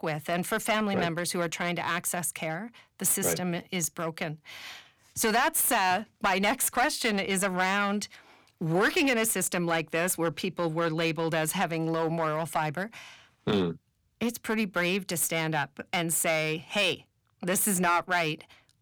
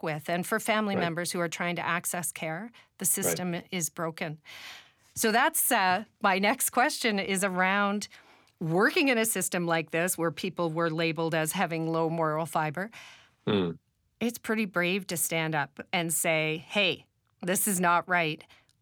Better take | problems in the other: second | distortion; slight; 4% of the sound clipped

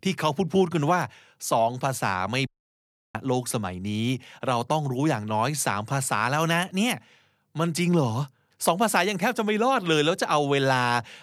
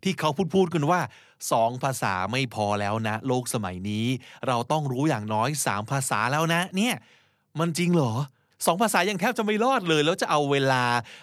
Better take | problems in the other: second | audio cutting out; at 2.5 s for 0.5 s

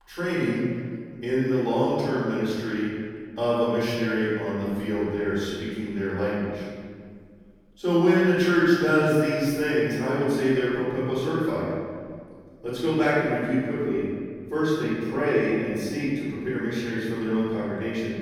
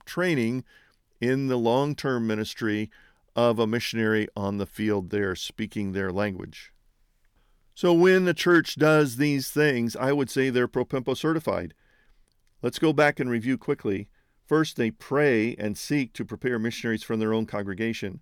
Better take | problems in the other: second | off-mic speech; far // room echo; strong; dies away in 1.8 s

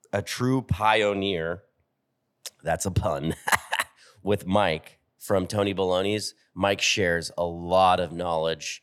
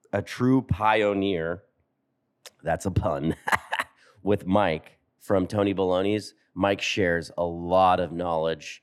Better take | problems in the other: first | muffled; slightly; fading above 3 kHz

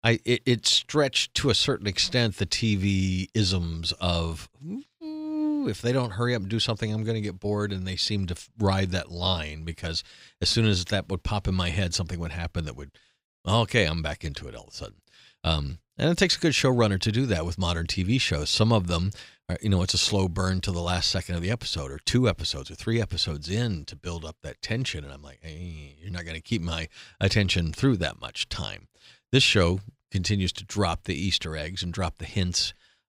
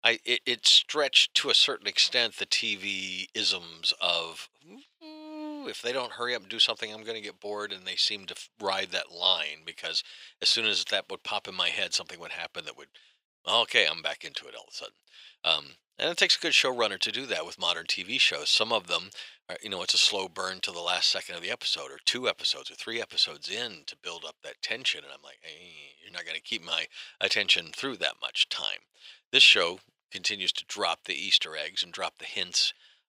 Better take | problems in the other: first | thin; very; fading below 600 Hz

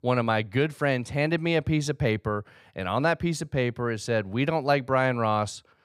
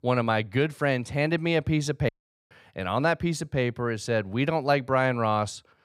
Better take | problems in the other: first | audio cutting out; at 2 s

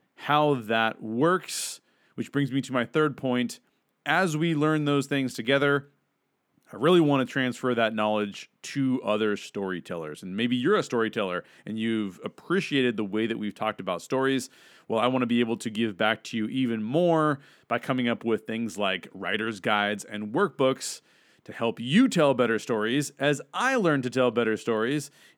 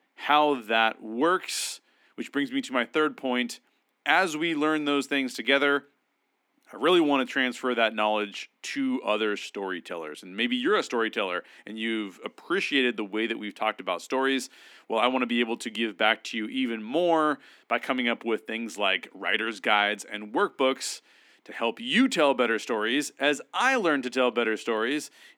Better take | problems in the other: first | thin; very slightly; fading below 250 Hz

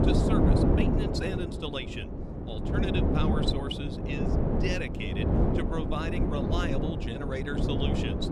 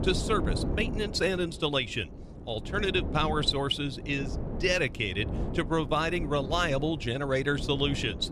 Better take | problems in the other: second | wind noise on the microphone; heavy; 2 dB above the speech; occasional gusts in the second

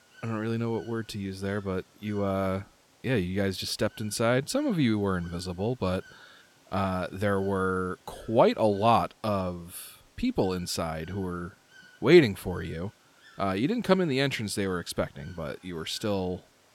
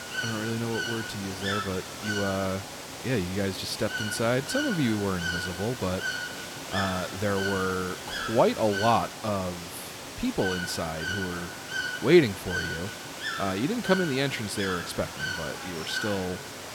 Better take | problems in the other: first | animal sounds; loud; throughout; 5 dB below the speech; faint in the first

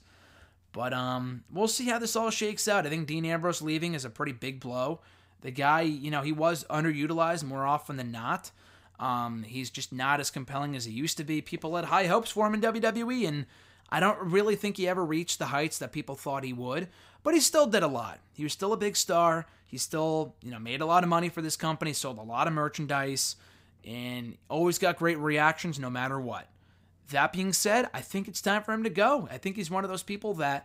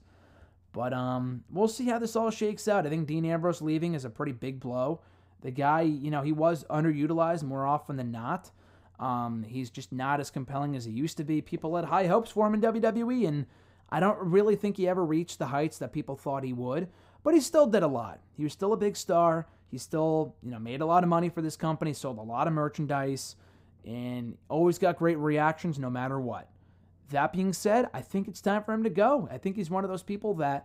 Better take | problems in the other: first | muffled; slightly; fading above 1.5 kHz

